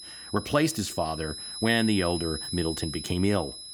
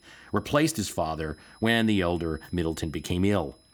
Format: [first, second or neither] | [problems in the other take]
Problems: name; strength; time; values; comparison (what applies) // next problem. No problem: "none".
second | high-pitched whine; loud; throughout; 5 kHz, 8 dB below the speech; faint in the second